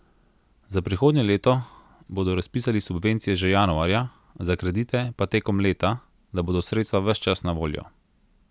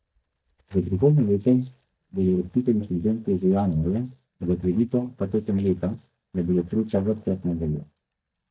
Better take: first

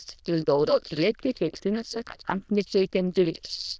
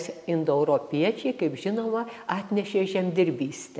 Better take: second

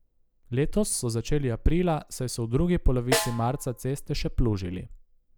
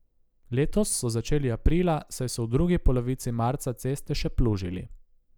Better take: second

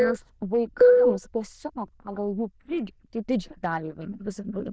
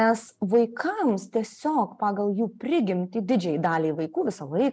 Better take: second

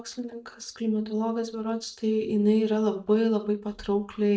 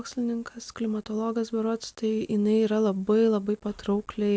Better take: second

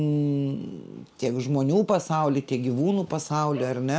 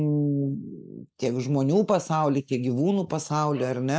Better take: first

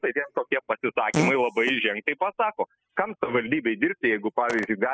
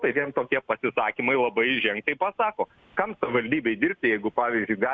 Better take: second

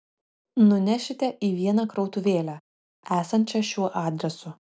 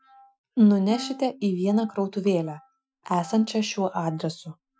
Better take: first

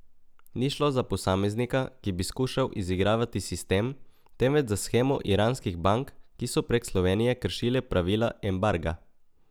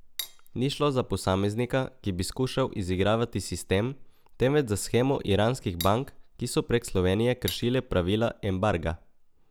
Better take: first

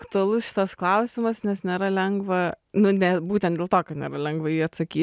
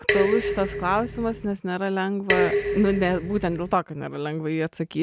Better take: first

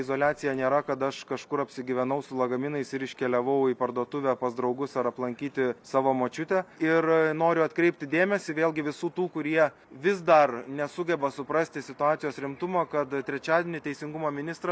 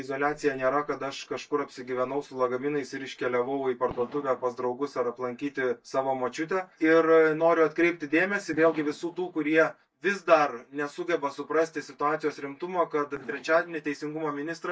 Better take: first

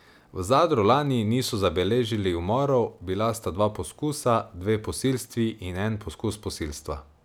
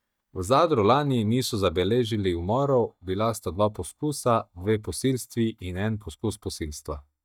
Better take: first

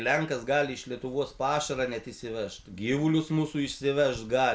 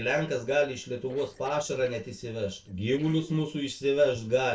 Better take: first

